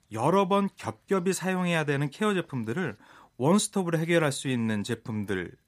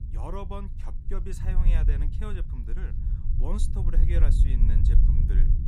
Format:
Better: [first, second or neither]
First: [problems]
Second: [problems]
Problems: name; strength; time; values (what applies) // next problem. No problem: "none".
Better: first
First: none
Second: low rumble; loud; throughout; 3 dB below the speech